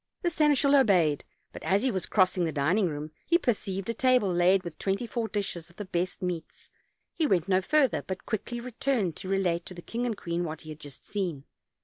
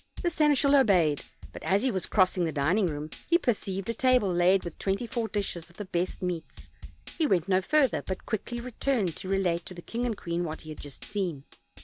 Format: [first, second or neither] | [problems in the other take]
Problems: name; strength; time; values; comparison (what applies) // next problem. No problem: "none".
first | background sound (Drum kit); 16 dB below the speech